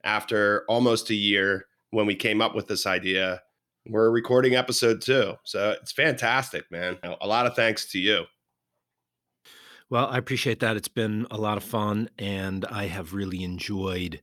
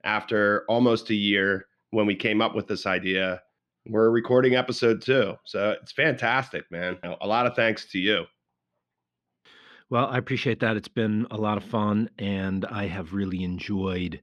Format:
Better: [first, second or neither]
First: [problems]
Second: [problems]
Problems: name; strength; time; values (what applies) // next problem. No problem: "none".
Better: first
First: none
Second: muffled; very slightly; fading above 3.5 kHz